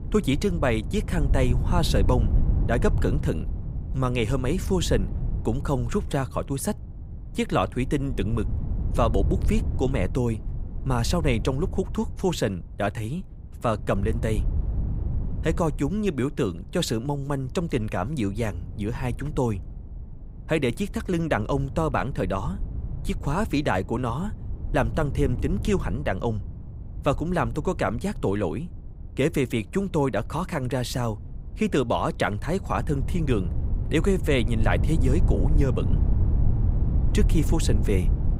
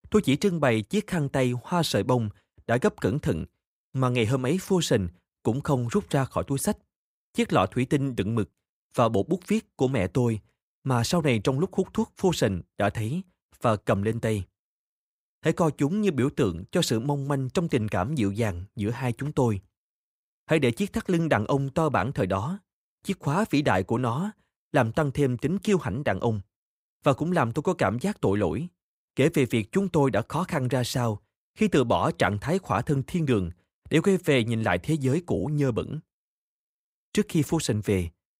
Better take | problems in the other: second | wind noise on the microphone; occasional gusts; 15 dB below the speech

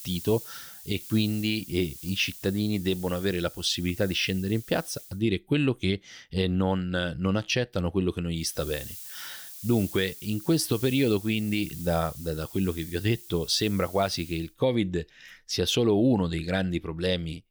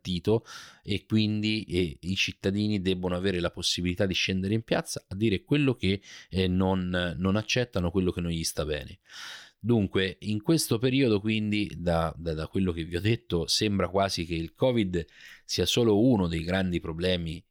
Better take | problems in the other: second | hiss; noticeable; until 5 s and from 8.5 to 14 s; 15 dB below the speech

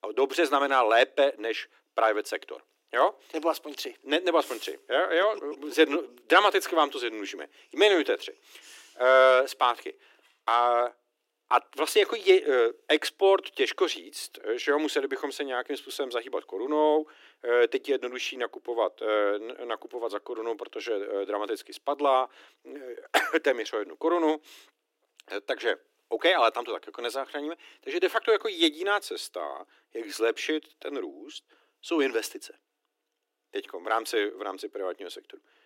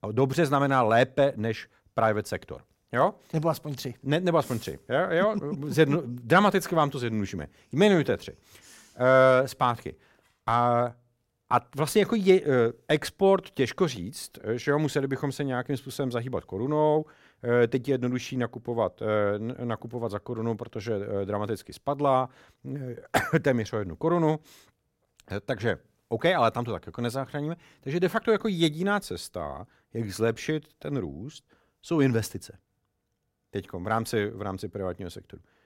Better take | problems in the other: second | thin; somewhat; fading below 300 Hz

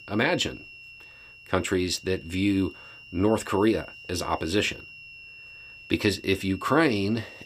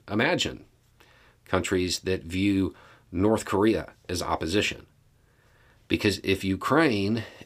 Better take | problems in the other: second | high-pitched whine; noticeable; throughout; 2.5 kHz, 20 dB below the speech

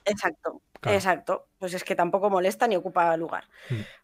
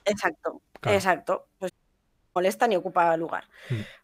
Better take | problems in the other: first | audio cutting out; at 1.5 s for 0.5 s

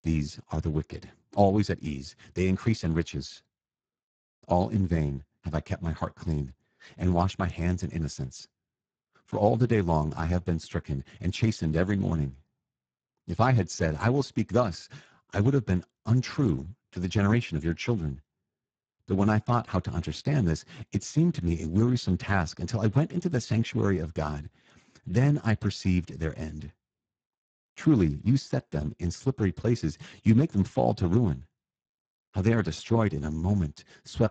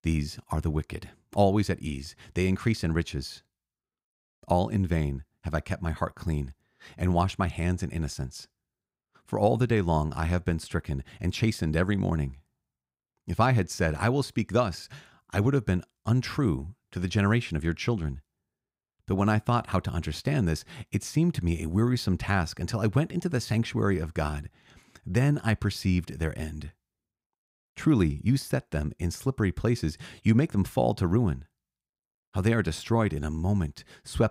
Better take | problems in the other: second | garbled, watery; badly; nothing above 7.5 kHz

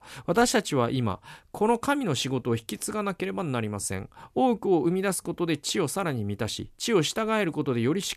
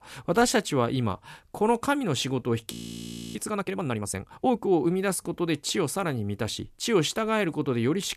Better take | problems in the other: first | audio freezing; at 2.5 s for 0.5 s

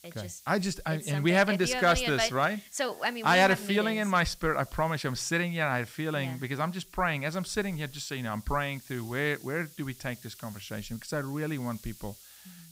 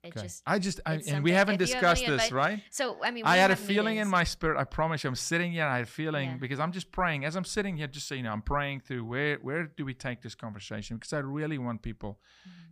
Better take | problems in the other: second | hiss; faint; throughout; 20 dB below the speech

